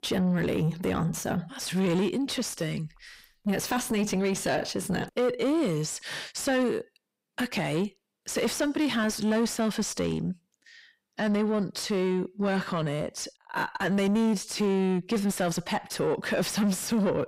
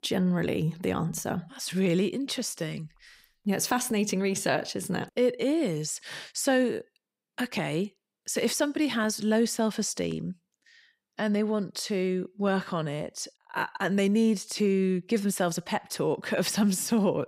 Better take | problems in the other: second | distortion; slight; 10 dB below the speech

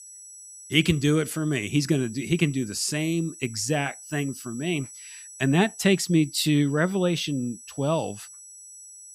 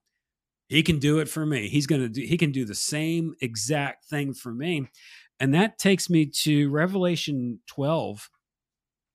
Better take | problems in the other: second | high-pitched whine; noticeable; throughout; 8 kHz, 15 dB below the speech

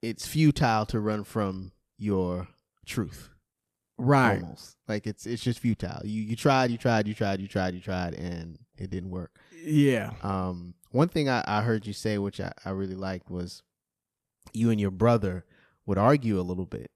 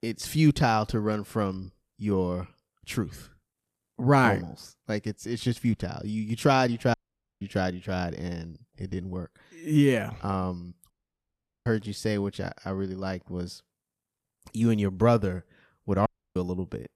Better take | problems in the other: first | audio cutting out; at 7 s, at 11 s for 1 s and at 16 s

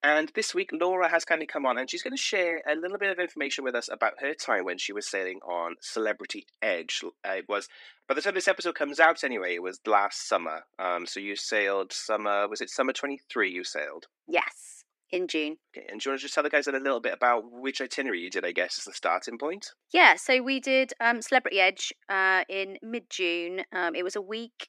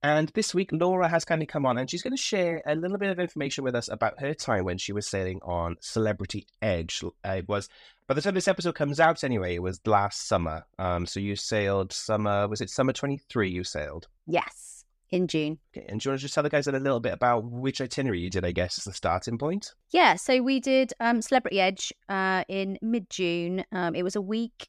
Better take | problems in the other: second | thin; somewhat; fading below 250 Hz

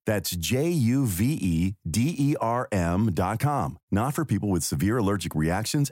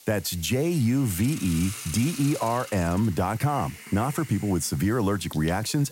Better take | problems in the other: first | hiss; noticeable; throughout; 15 dB below the speech

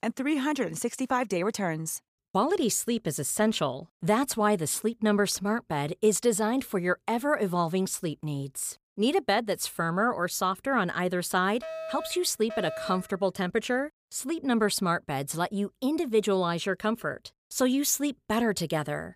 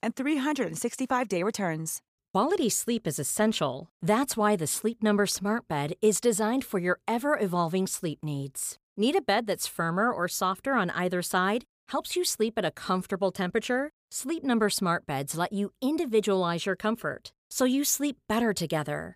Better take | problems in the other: second | alarm; noticeable; from 12 to 13 s; peak 8 dB below the speech

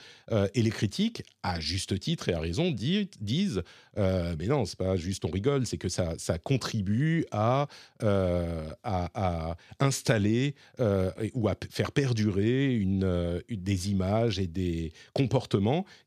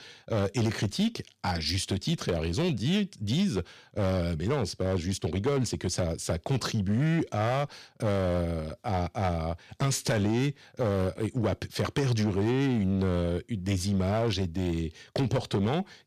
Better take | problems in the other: first | distortion; slight; 9% of the sound clipped

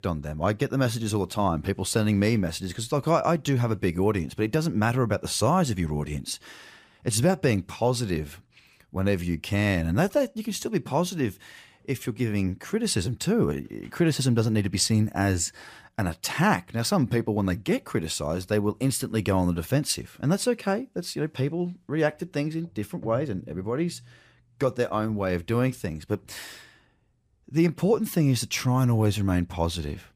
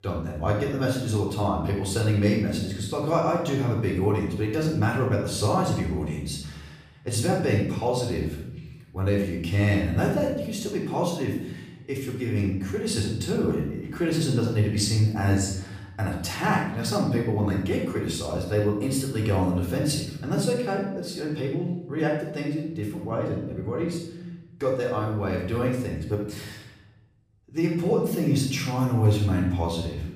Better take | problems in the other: first | room echo; noticeable; dies away in 0.8 s // off-mic speech; far

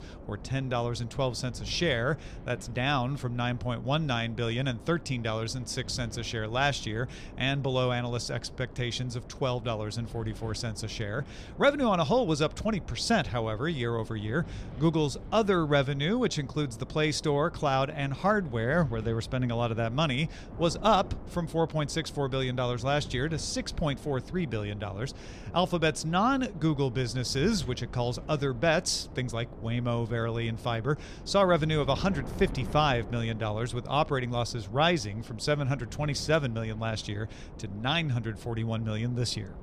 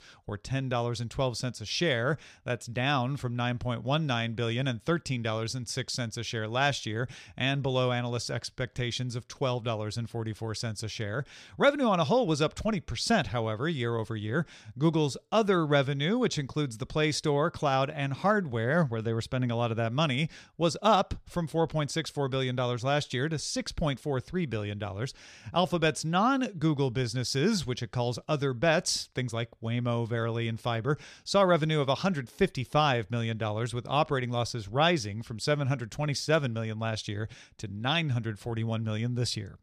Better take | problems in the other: second | wind noise on the microphone; occasional gusts; 20 dB below the speech

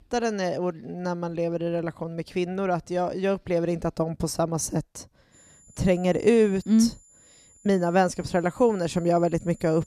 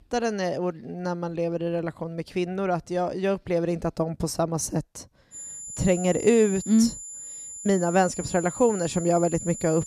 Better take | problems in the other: first | high-pitched whine; loud; from 5.5 s on; 7 kHz, 10 dB below the speech; faint in the first

